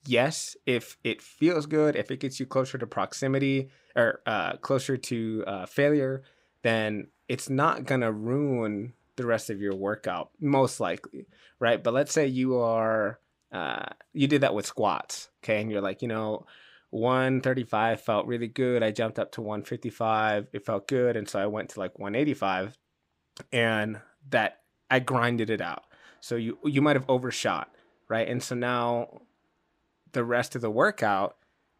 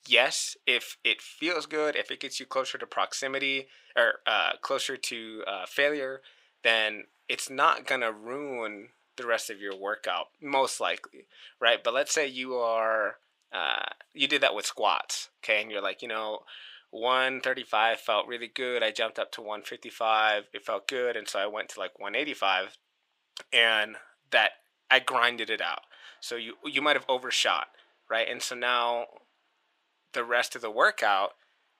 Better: first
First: none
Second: thin; very; fading below 650 Hz

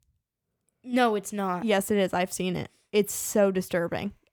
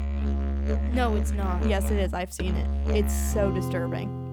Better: first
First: none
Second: background music; very loud; throughout; 2 dB above the speech

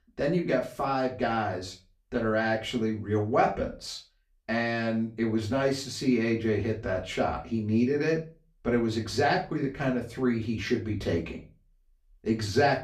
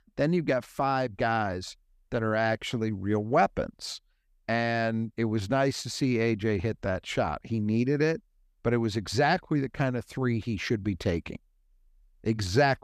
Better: second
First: off-mic speech; far // room echo; very slight; dies away in 0.3 s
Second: none

